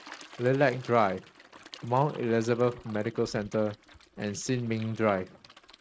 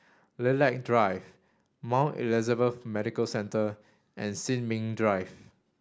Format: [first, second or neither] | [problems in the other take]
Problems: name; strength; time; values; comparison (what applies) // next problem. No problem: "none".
second | noise reduction (neural mask model RNNoise)